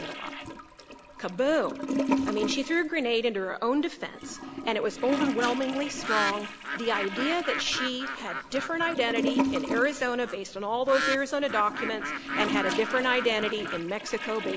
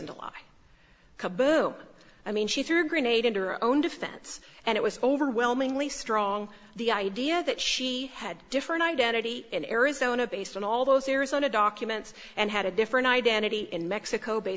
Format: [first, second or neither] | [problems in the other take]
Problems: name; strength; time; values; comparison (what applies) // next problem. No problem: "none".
second | background sound (Bird + Toilet flush / Gurgling); 4 dB below the speech